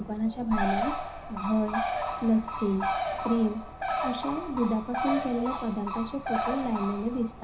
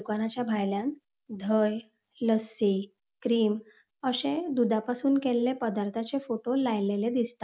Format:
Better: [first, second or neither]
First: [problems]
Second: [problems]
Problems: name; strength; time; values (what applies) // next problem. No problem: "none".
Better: second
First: background sound (Bird); 3 dB below the speech // room echo; dies away in 0.5 s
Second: none